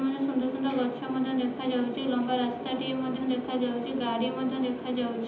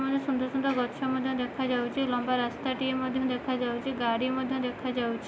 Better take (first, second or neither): second